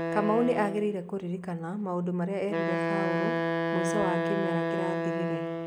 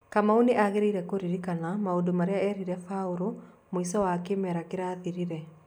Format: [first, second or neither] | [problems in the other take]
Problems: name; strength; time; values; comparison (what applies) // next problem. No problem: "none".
second | background sound (Wind instrument, woodwind instrument); as loud as the speech